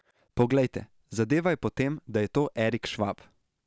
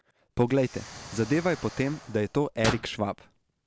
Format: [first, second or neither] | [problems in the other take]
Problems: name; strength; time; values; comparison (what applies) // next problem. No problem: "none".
first | background sound (Explosion); 11 dB below the speech